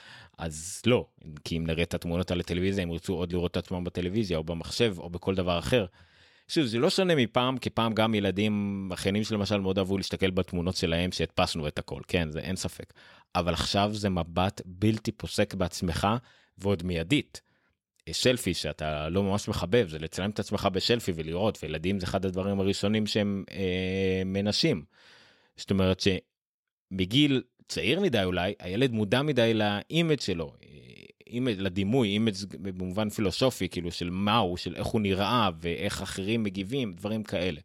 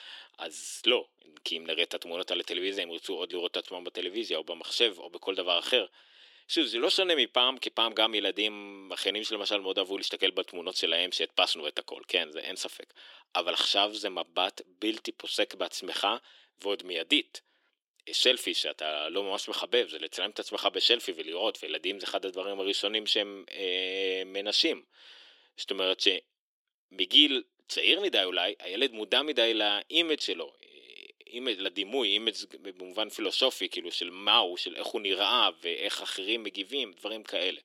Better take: first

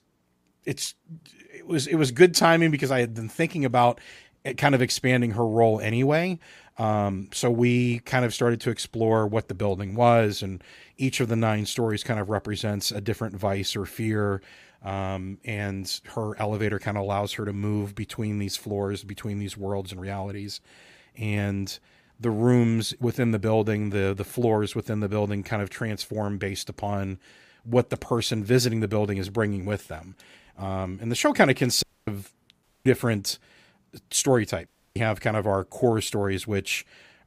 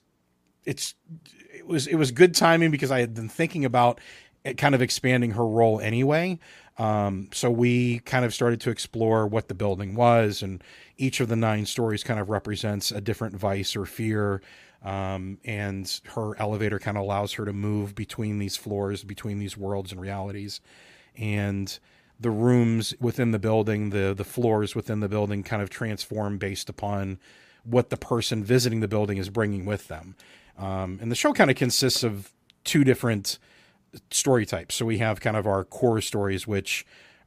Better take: second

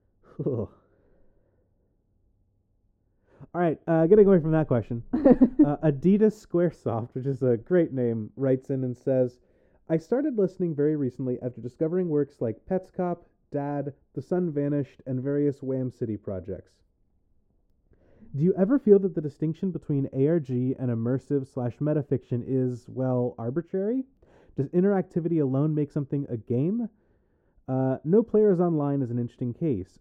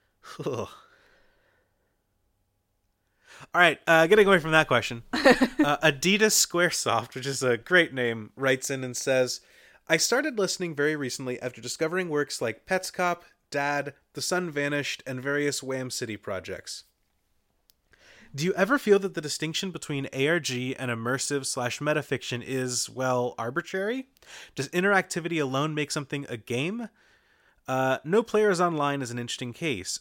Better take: second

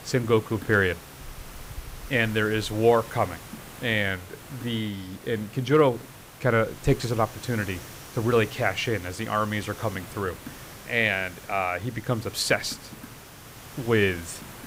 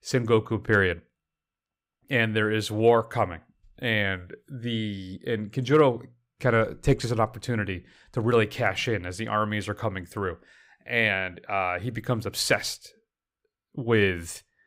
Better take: second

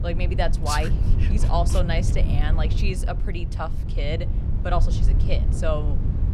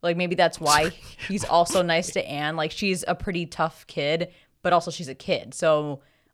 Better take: second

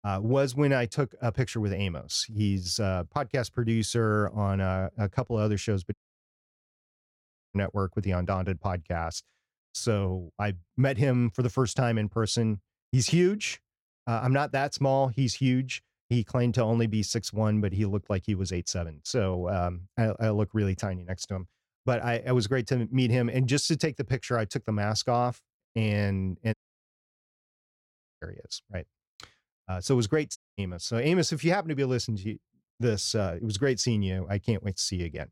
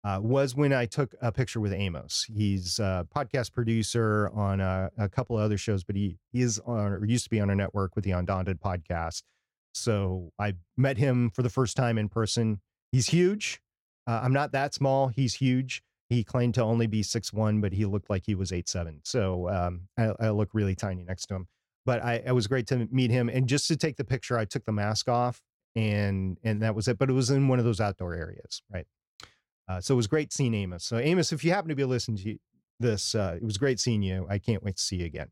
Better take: second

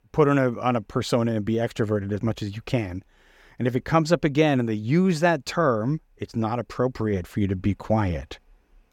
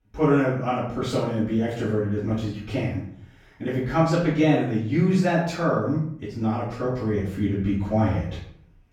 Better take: first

